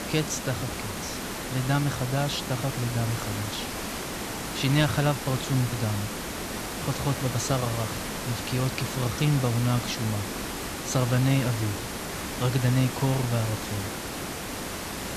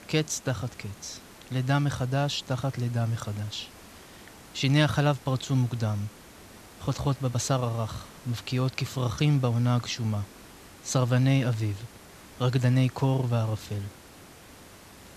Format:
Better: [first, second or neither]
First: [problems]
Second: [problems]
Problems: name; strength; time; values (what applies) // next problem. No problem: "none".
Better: second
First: hiss; loud; throughout; 5 dB below the speech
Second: hiss; faint; throughout; 20 dB below the speech